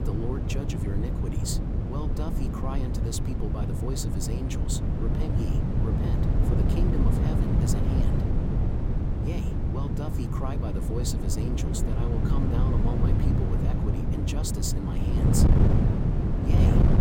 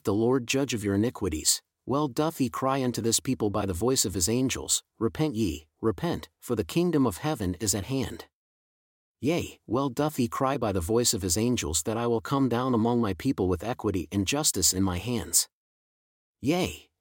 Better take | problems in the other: second | wind noise on the microphone; heavy; 3 dB above the speech

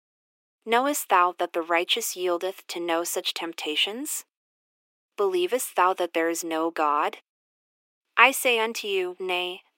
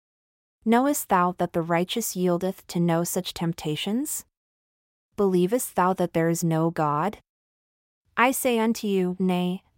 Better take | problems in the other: second | thin; very; fading below 300 Hz

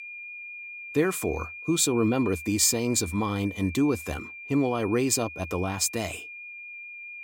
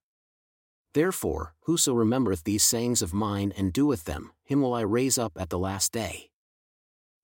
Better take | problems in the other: second | high-pitched whine; noticeable; throughout; 2.5 kHz, 10 dB below the speech

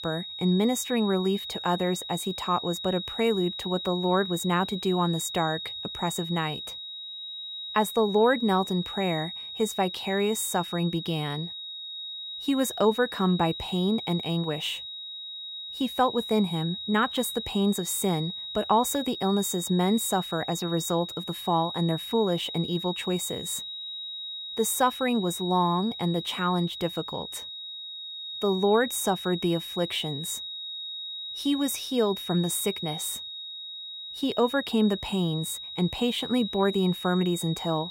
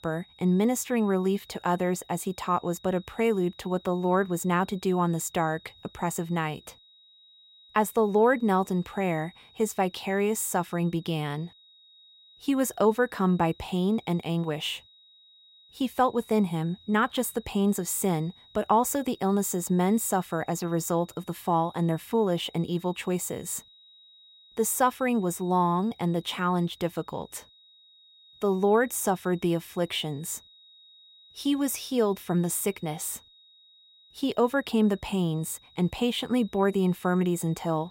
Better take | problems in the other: second | high-pitched whine; loud; throughout; 4 kHz, 7 dB below the speech; faint in the second

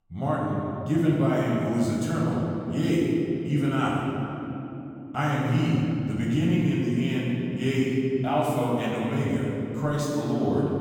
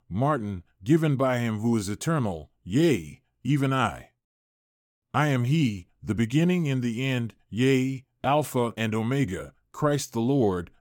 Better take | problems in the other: second | room echo; strong; dies away in 3 s // off-mic speech; far

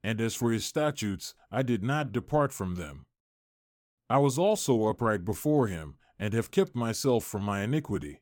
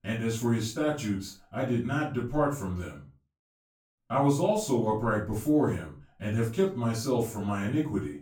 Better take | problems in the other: first | off-mic speech; far // room echo; slight; dies away in 0.3 s

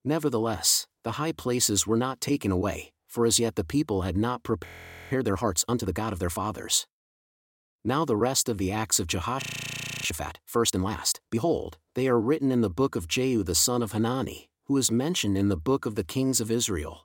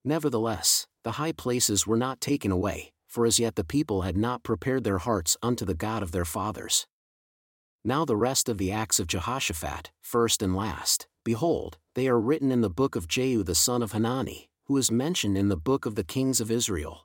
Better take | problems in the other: second | audio freezing; at 4.5 s and at 9.5 s for 0.5 s

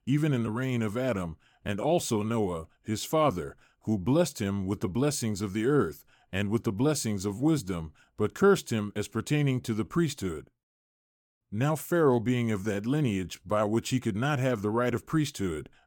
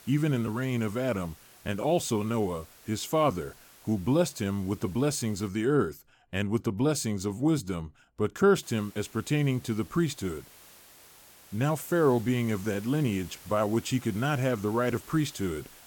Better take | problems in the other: first | hiss; faint; until 5.5 s and from 8.5 s on; 20 dB below the speech

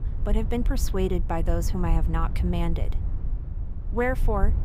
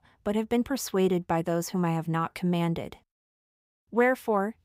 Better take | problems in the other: second | low rumble; noticeable; throughout; 15 dB below the speech

